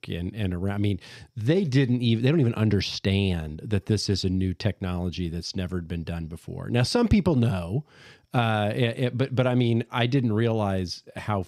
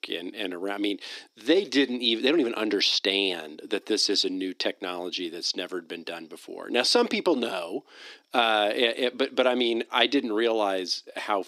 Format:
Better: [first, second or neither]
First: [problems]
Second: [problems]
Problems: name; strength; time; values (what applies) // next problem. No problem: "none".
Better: first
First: none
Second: thin; somewhat; fading below 300 Hz